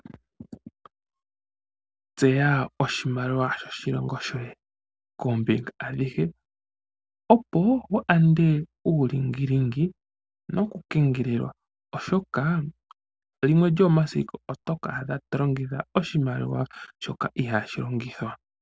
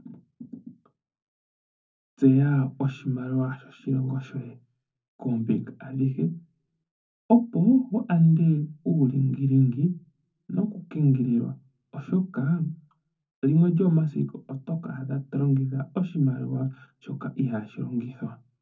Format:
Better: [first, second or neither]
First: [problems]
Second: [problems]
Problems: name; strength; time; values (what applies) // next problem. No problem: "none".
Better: first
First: none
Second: room echo; dies away in 0.3 s